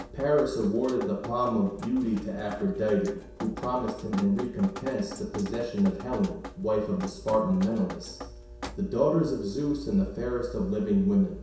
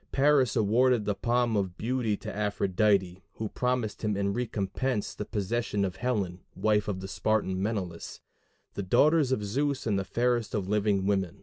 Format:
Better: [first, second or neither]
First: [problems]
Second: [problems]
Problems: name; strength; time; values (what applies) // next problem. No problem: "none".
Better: second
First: background sound (Drip); 14 dB below the speech // room echo; dies away in 0.7 s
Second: none